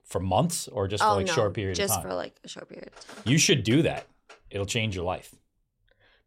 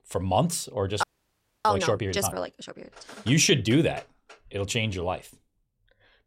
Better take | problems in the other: first | audio freezing; at 1 s for 0.5 s

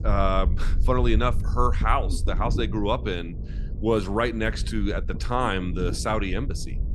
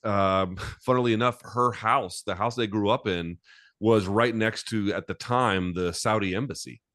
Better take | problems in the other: second | low rumble; noticeable; throughout; 15 dB below the speech

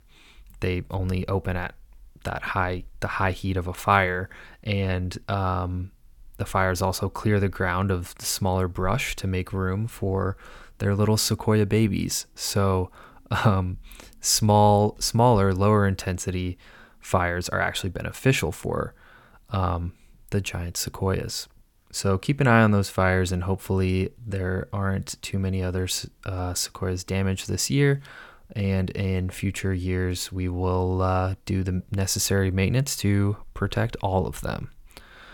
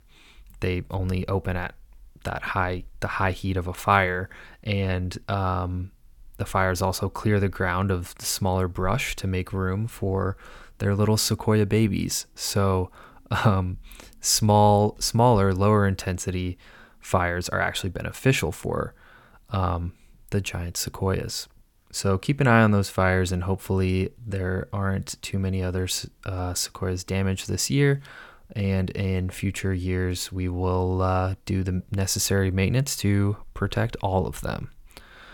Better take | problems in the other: neither | none

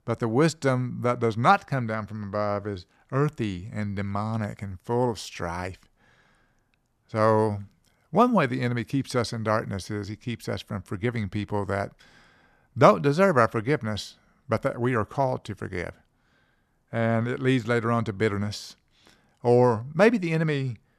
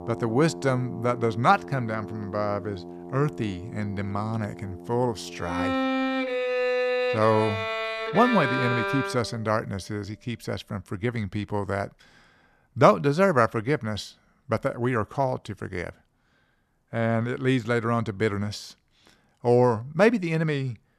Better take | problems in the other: first | background music; loud; until 11 s; 4 dB below the speech

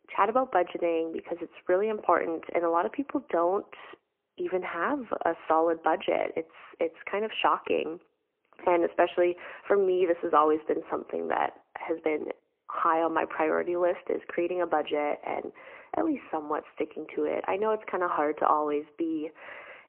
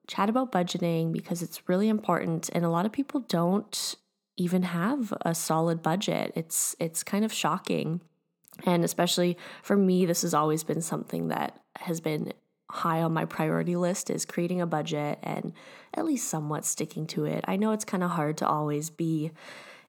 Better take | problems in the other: second | phone-call audio; poor line; nothing above 3 kHz

